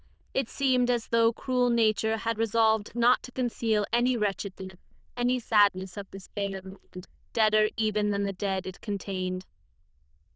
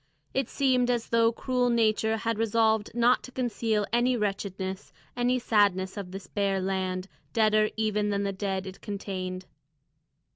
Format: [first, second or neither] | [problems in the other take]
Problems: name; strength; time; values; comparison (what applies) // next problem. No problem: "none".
second | noise reduction (neural diffusion model UNIVERSE++)